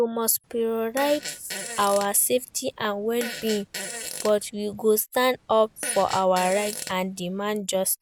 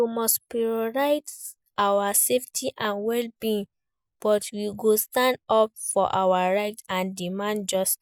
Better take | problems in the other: second | background sound (Fart); 12 dB below the speech

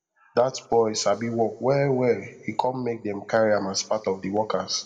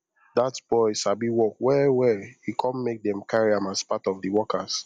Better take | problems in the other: second | room echo; dies away in 1.2 s

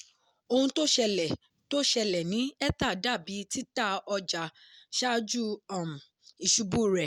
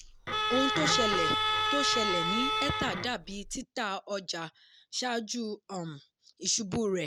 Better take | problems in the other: first | background sound (Bowed string instrument); 3 dB above the speech

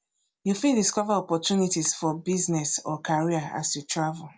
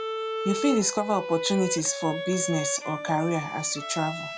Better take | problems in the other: first | background sound (Bowed string instrument); 6 dB below the speech

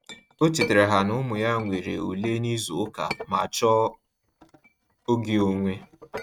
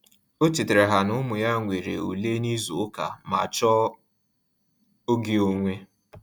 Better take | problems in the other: second | noise reduction (neural mask model RNNoise)

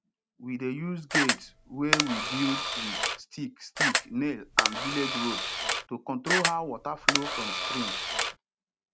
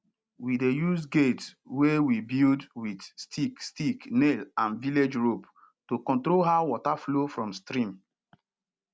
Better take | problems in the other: second | background sound (Camera); 4 dB above the speech

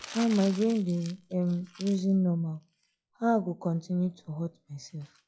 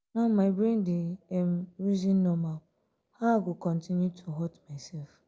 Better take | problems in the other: second | noise reduction (classical method log-MMSE)

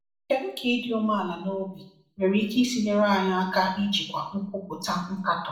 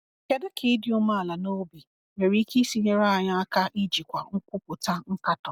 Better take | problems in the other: second | room echo; dies away in 0.6 s

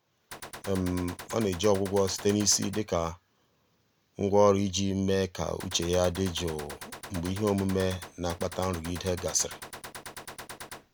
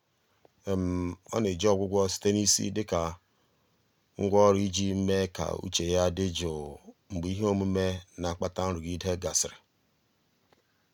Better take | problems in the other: second | background sound (Gunshot, gunfire); 14 dB below the speech

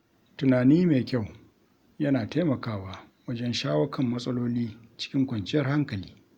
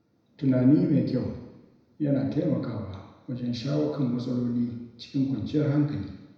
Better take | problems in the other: first | room echo; dies away in 1 s

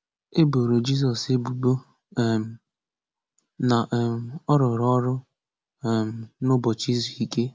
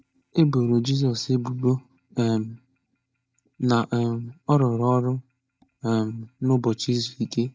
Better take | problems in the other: first | noise reduction (neural mask model DeepFilterNet 3)

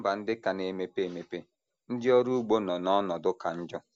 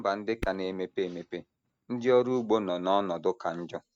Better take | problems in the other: first | noise reduction (neural mask model RNNoise)

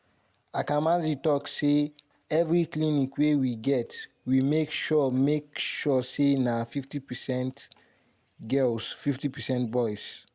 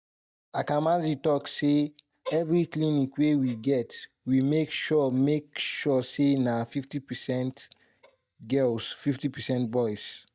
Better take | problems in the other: first | noise reduction (neural mask model DeepFilterNet 3)

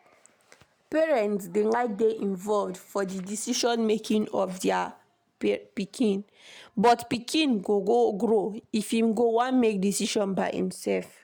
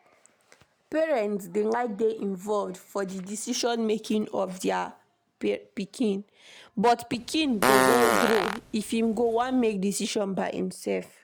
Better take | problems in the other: first | background sound (Fart); 1 dB above the speech

